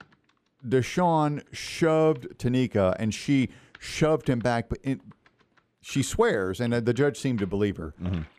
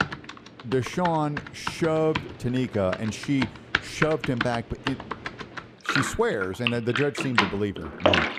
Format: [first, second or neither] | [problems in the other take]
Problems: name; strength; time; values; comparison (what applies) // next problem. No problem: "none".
first | household noises; loud; throughout; 2 dB below the speech; faint in the first